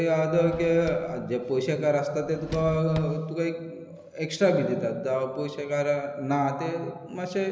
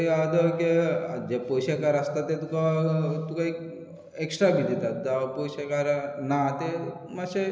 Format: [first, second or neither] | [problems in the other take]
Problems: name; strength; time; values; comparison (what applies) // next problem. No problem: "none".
second | background sound (Drawer open or close); 16 dB below the speech